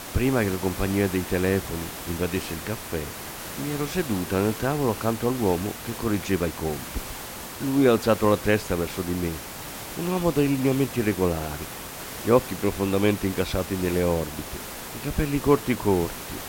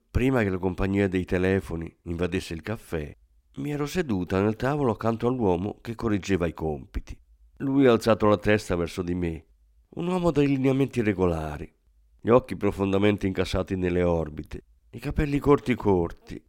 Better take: second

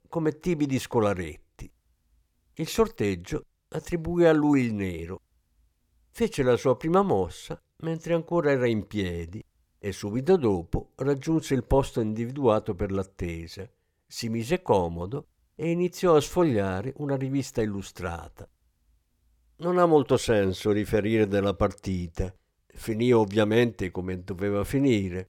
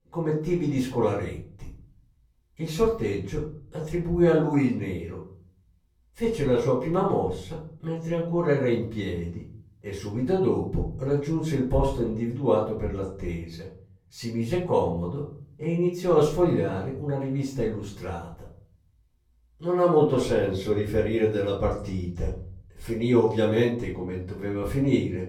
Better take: first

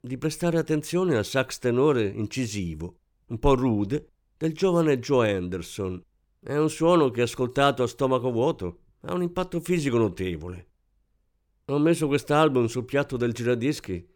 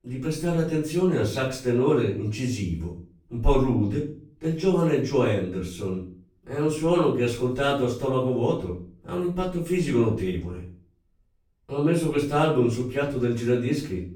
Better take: first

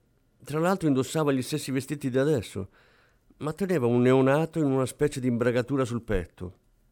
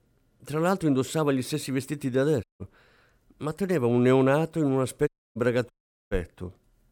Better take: first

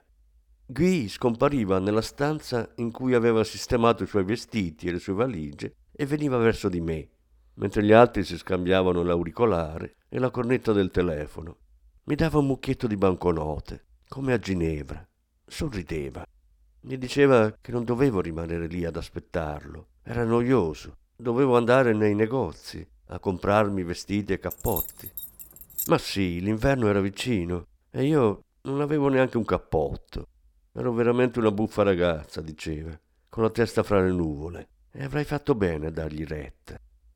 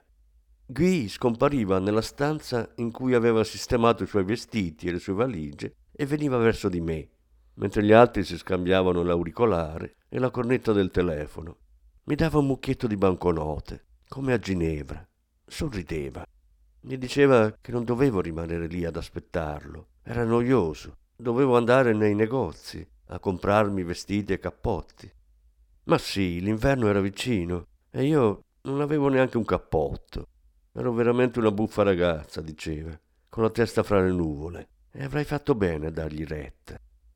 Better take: second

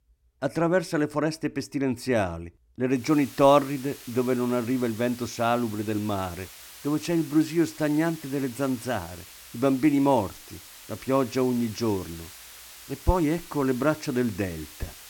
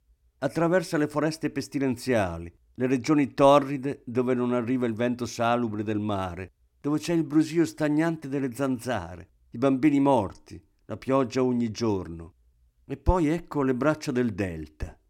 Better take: second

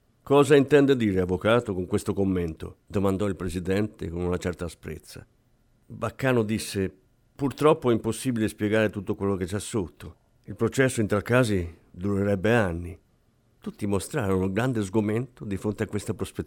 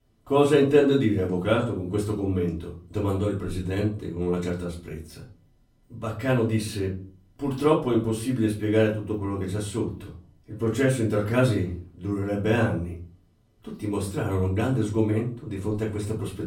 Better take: first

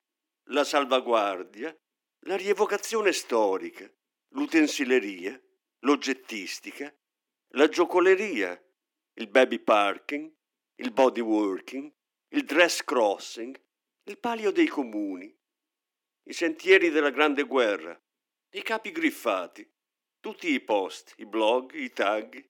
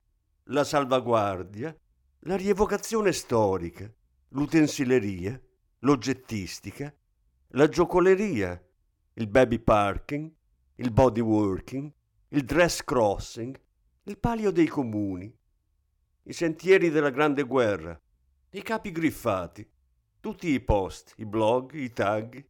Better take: second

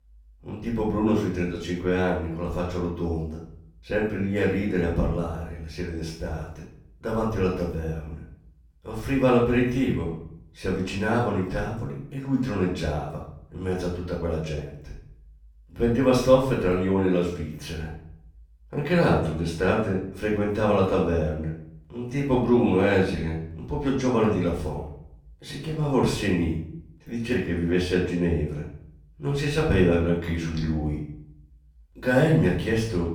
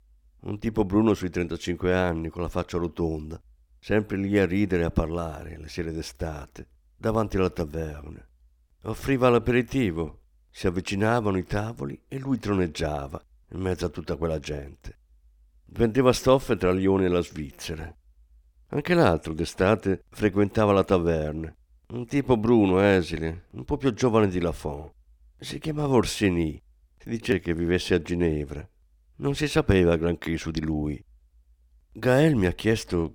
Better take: second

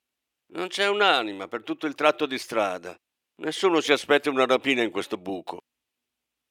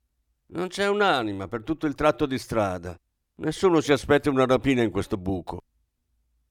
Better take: second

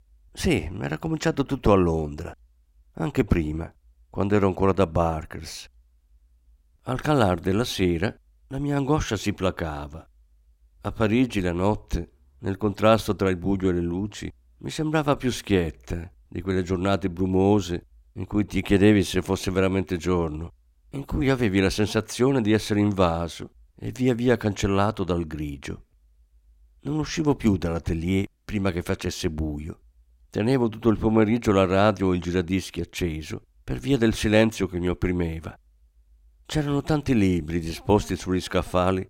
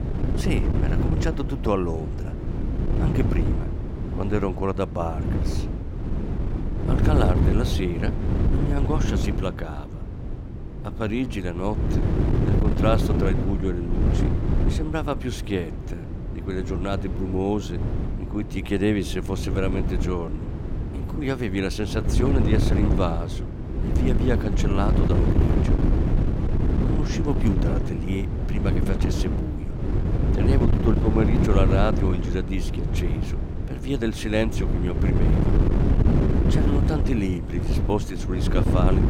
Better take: first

